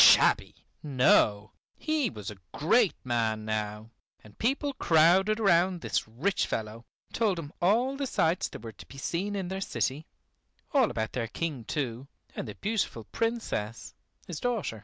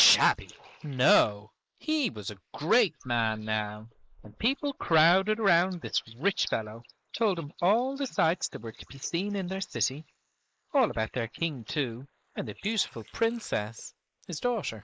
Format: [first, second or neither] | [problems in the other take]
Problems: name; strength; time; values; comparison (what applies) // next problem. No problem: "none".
first | noise reduction (neural mask model Resemble Enhance denoiser)